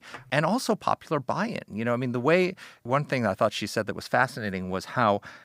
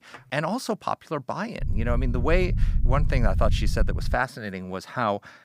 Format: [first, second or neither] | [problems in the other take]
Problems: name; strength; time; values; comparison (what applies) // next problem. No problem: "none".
first | low rumble; noticeable; from 1.5 to 4 s; 15 dB below the speech